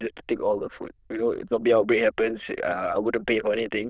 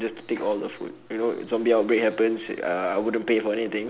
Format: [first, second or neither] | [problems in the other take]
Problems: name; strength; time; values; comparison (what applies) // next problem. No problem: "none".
second | noise reduction (neural diffusion model UNIVERSE++)